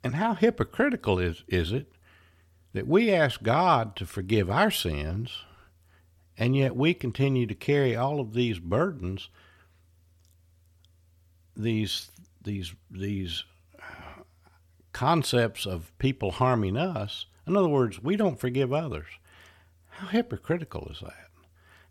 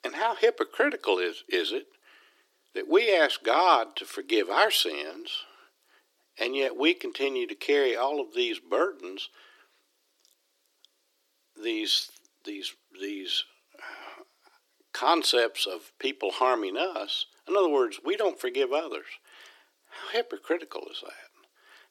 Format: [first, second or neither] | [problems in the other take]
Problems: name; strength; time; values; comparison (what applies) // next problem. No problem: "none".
first | thin; very; fading below 300 Hz